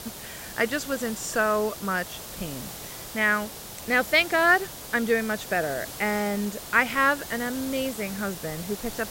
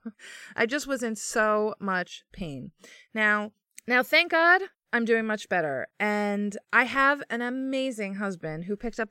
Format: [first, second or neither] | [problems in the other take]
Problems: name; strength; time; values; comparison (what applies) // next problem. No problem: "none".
second | hiss; noticeable; throughout; 10 dB below the speech